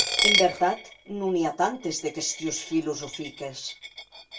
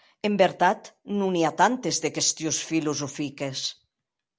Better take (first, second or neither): second